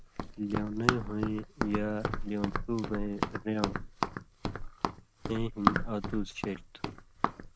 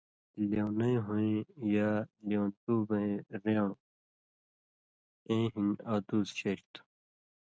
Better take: second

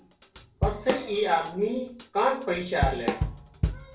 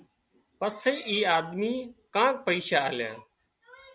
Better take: second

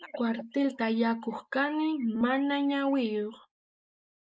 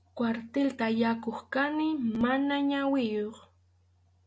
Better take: second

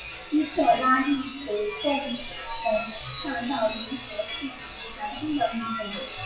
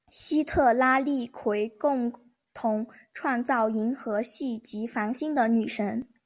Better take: second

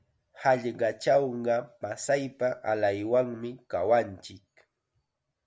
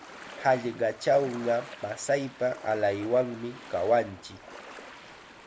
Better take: first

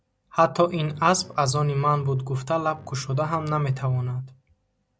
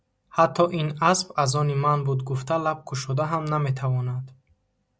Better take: second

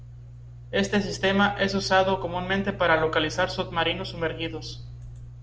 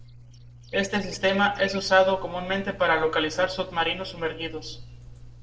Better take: first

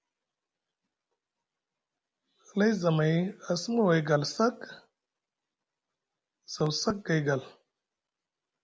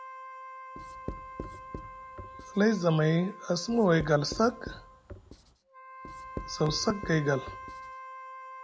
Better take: first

